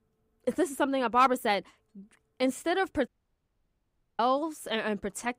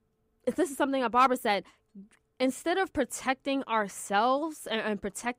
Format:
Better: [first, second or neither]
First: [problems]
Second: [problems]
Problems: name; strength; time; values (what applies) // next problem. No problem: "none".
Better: second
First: audio cutting out; at 3 s for 1 s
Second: none